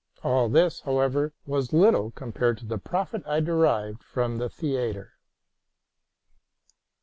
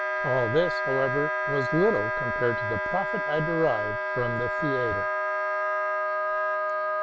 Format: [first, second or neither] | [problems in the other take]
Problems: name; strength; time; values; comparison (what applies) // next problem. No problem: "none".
first | background sound (Wind instrument, woodwind instrument); 2 dB above the speech